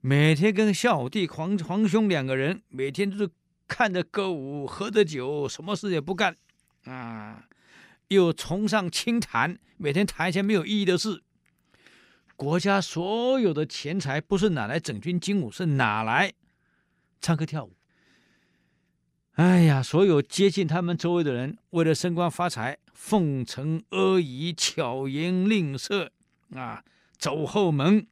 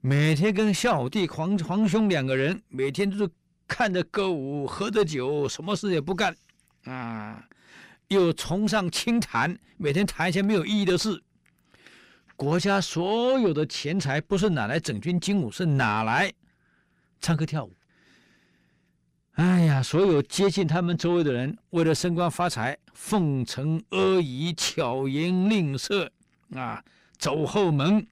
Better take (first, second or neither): first